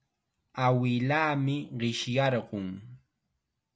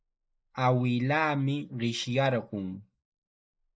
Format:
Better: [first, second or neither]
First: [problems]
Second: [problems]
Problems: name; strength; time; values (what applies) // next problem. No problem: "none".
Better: first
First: none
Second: noise reduction (neural mask model Resemble Enhance denoiser)